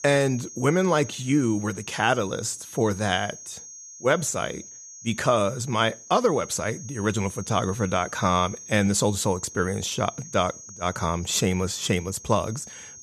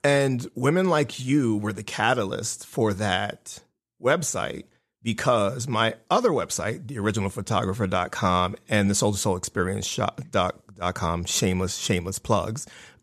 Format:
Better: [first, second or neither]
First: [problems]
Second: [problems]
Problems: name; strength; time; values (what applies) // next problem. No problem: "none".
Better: second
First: high-pitched whine; noticeable; throughout; 6.5 kHz, 15 dB below the speech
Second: none